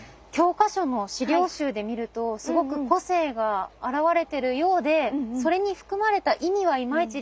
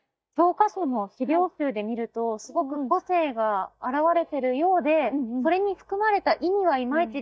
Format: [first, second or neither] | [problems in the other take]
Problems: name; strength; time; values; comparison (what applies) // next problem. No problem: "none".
first | noise reduction (neural mask model DeepFilterNet 3)